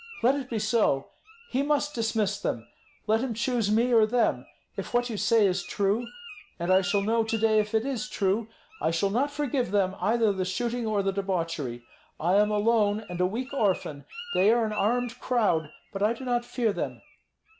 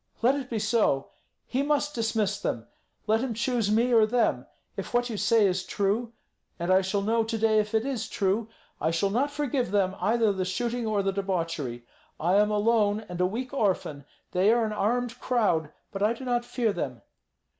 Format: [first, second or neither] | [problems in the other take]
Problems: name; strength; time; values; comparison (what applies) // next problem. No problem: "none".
second | background sound (Bird); 20 dB below the speech